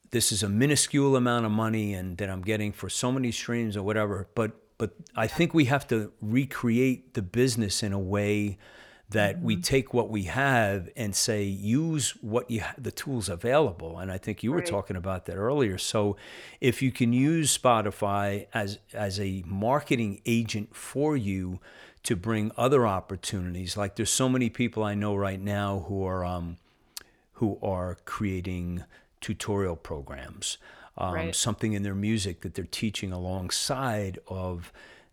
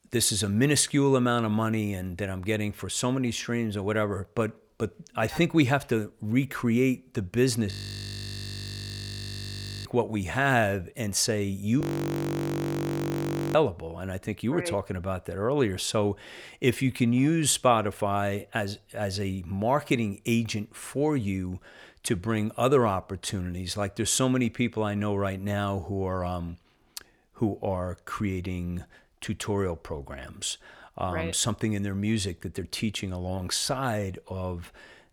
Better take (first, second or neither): first